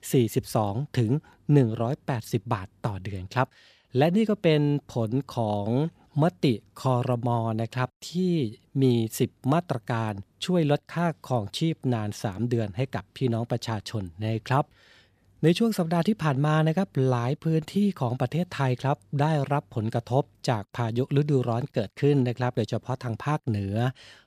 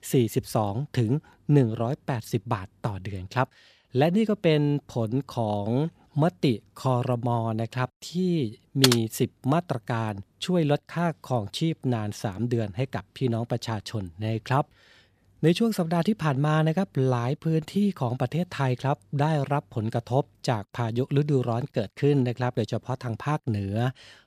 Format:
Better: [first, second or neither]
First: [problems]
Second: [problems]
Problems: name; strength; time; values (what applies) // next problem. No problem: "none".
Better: first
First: none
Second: keyboard typing; loud; at 9 s; peak 3 dB above the speech